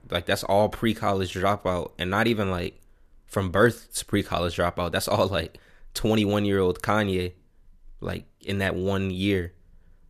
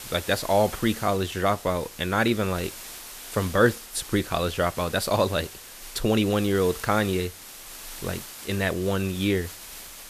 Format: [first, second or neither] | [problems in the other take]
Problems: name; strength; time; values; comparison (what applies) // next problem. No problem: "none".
first | hiss; noticeable; throughout; 15 dB below the speech